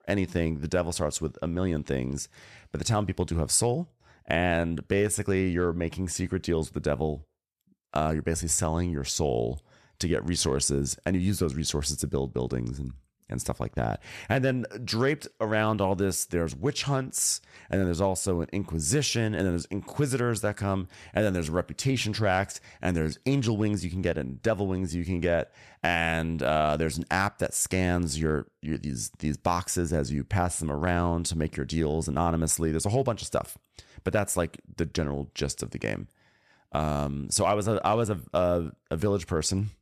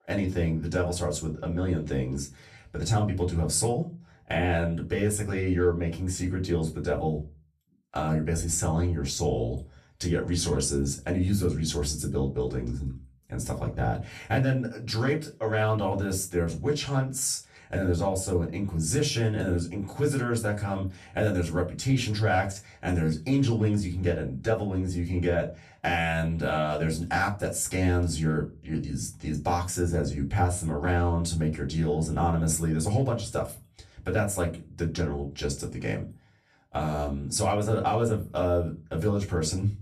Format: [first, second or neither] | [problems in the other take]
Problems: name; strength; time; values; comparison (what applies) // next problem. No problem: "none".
first | off-mic speech; far // room echo; very slight; dies away in 0.2 s